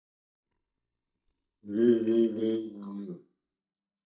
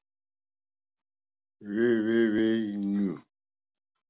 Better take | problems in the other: second | noise reduction (neural mask model DeepFilterNet 3)

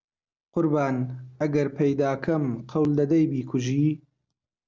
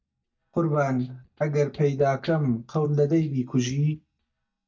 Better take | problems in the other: first | noise reduction (neural mask model DeepFilterNet 3)

